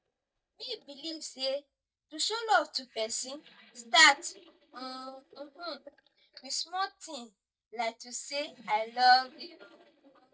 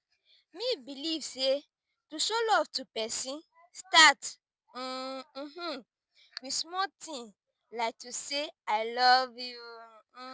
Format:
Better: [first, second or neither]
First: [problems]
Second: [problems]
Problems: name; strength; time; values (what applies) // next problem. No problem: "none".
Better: second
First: noise reduction (neural mask model DeepFilterNet 3)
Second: none